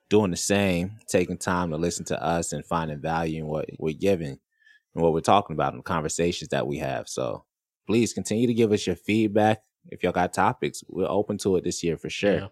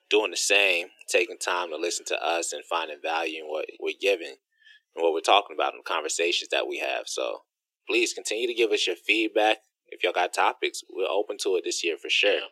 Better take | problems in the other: first | thin; very; fading below 350 Hz

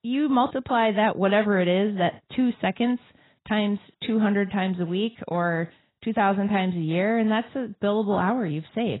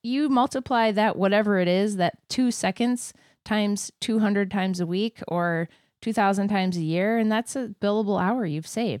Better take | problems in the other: second | garbled, watery; badly; nothing above 4 kHz

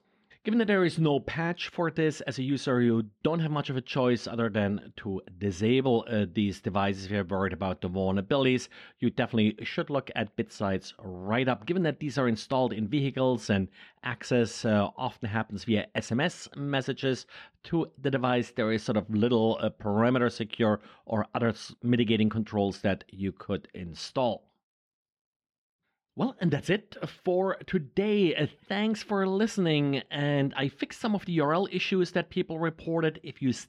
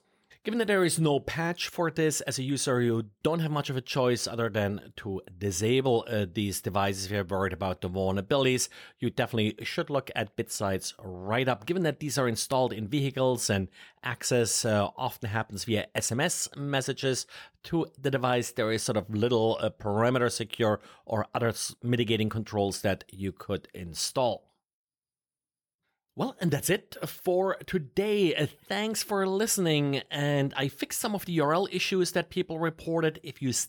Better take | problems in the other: second | muffled; slightly; fading above 3 kHz

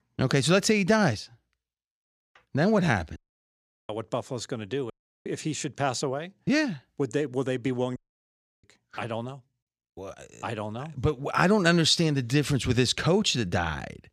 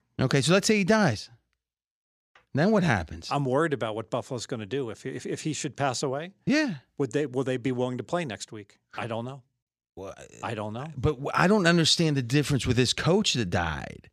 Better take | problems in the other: second | audio cutting out; at 3 s for 0.5 s, at 5 s and at 8 s for 0.5 s

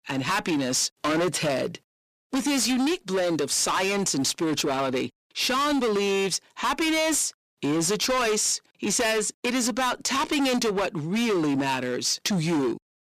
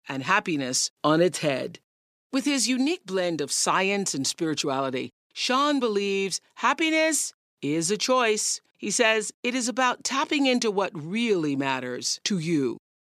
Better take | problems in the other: second | distortion; heavy; 26% of the sound clipped

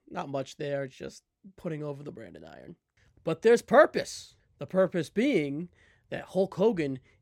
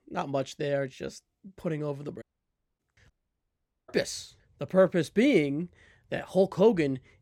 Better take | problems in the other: first | audio cutting out; at 2 s for 0.5 s and at 3 s for 1 s

